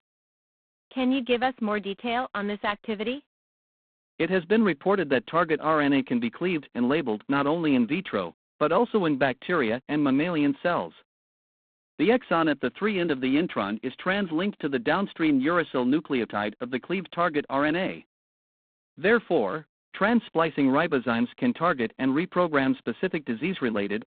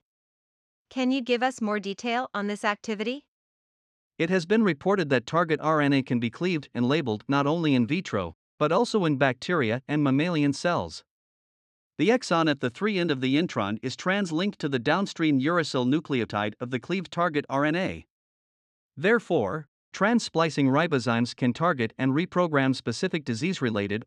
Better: second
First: phone-call audio; poor line; nothing above 4 kHz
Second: none

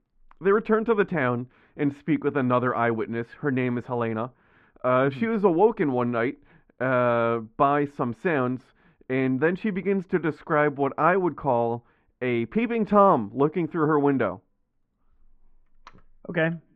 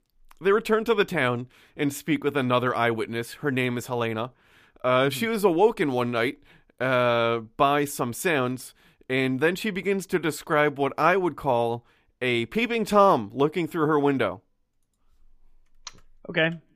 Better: second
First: muffled; very; fading above 1.5 kHz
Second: none

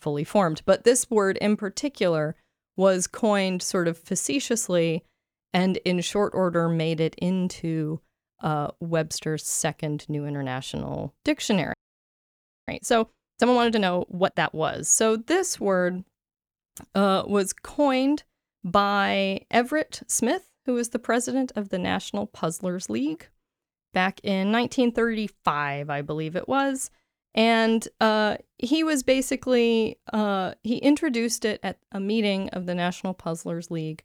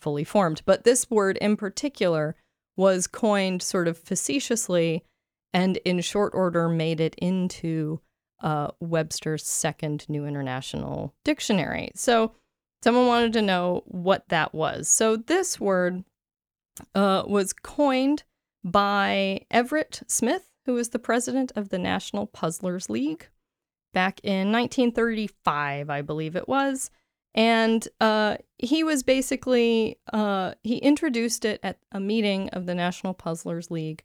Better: second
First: audio freezing; at 12 s for 1 s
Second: none

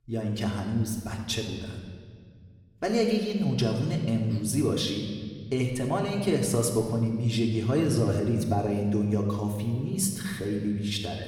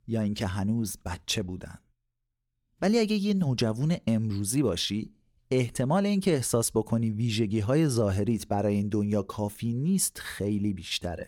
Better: second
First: room echo; noticeable; dies away in 1.6 s // off-mic speech; somewhat distant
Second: none

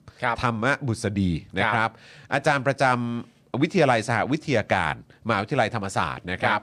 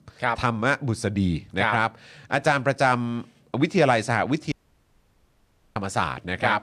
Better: first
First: none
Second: audio cutting out; at 4.5 s for 1 s

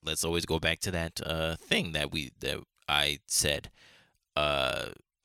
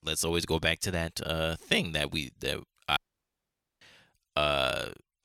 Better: first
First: none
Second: audio cutting out; at 3 s for 1 s

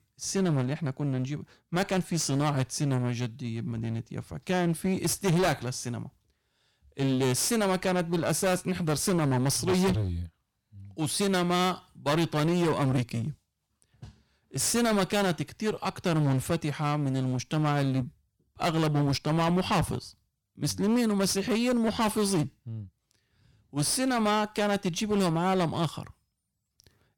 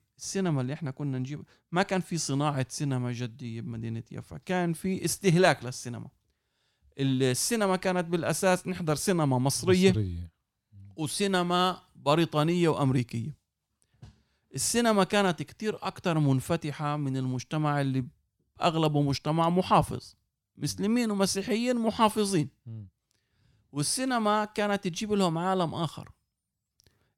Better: second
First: distortion; heavy; 16% of the sound clipped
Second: none

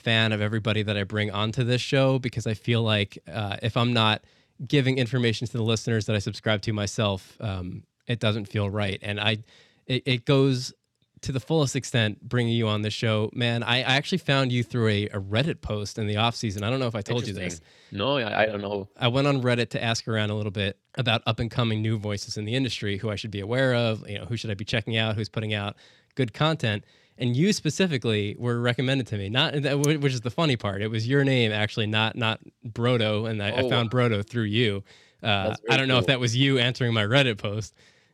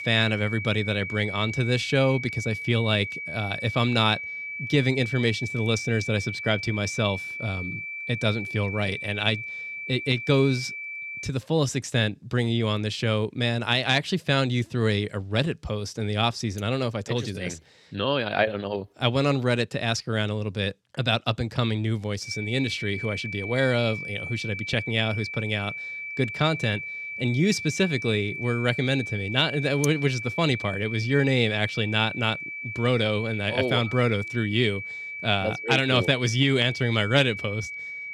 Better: first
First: none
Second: high-pitched whine; loud; until 11 s and from 22 s on; 2.5 kHz, 7 dB below the speech

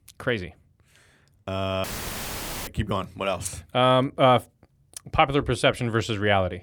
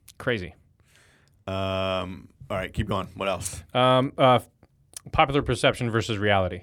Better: second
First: audio cutting out; filled with static; at 2 s for 1 s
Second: none

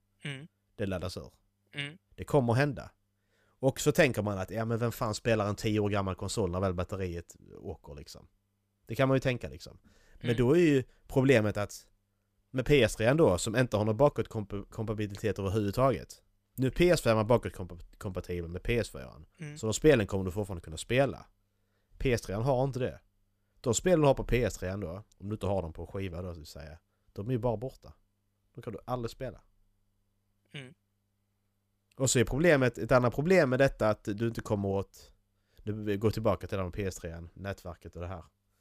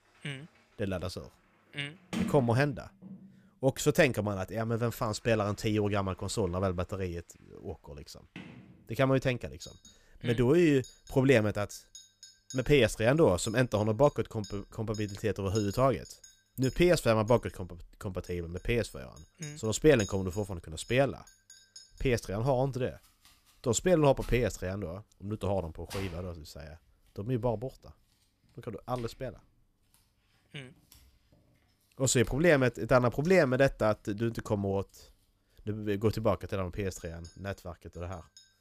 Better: first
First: none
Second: household noises; noticeable; throughout; 20 dB below the speech

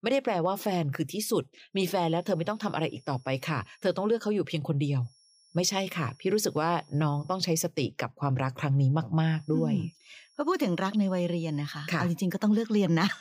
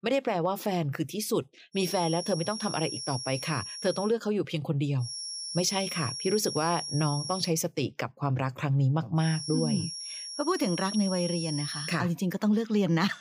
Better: first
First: high-pitched whine; faint; from 2 to 4 s, from 5 to 7.5 s and from 9 to 12 s; 5.5 kHz, 30 dB below the speech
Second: high-pitched whine; loud; from 2 to 4 s, from 5 to 7.5 s and from 9 to 12 s; 5.5 kHz, 6 dB below the speech

